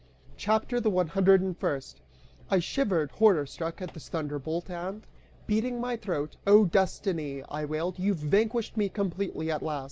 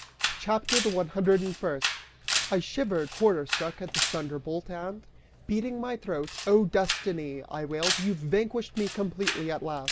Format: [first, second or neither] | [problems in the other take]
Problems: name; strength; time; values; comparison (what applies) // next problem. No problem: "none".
first | background sound (Camera); 6 dB below the speech